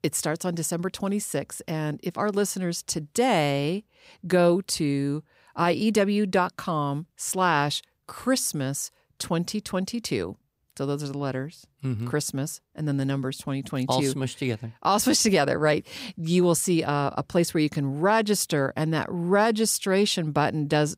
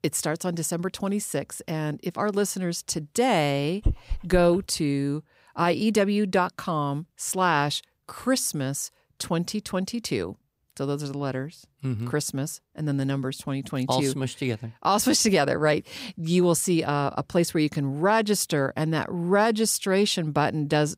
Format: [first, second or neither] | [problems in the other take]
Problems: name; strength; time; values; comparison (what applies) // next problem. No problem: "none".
first | dog barking; noticeable; at 4 s; peak 5 dB below the speech